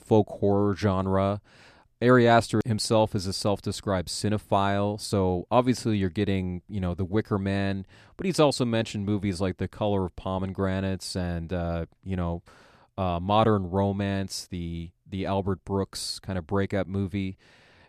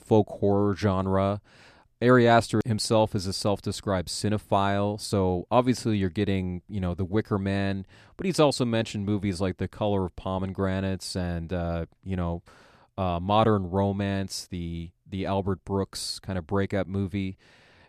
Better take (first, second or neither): neither